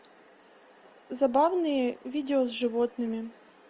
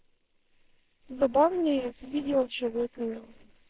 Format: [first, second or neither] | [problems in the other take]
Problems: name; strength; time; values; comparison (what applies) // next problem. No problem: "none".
first | noise reduction (neural separator model SepFormer WHAMR!)